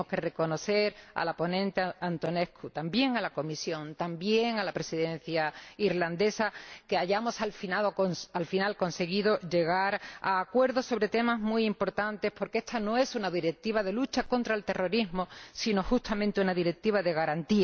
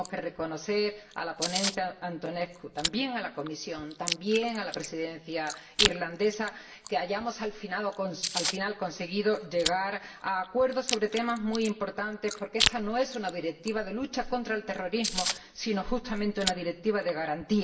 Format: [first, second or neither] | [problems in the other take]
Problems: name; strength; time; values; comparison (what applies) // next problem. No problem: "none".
first | background sound (Chewing, mastication); 6 dB below the speech // room echo; dies away in 0.7 s